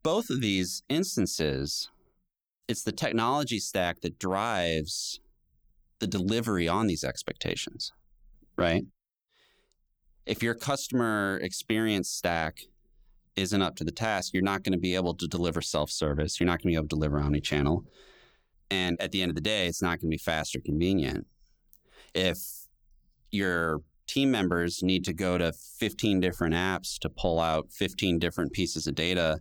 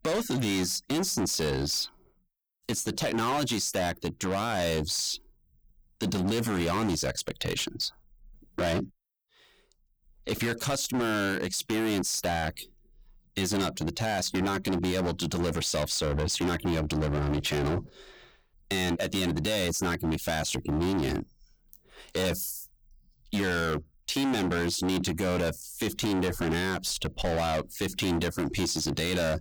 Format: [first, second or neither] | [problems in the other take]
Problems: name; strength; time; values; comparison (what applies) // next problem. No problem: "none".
first | distortion; heavy; 21% of the sound clipped